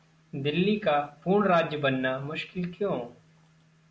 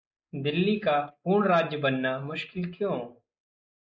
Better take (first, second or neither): first